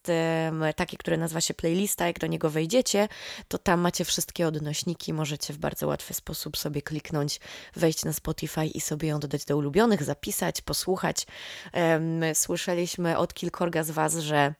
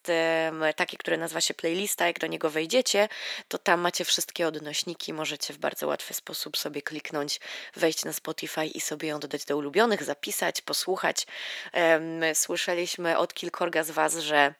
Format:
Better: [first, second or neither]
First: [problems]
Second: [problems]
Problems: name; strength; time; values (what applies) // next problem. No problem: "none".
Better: first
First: none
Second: thin; somewhat; fading below 250 Hz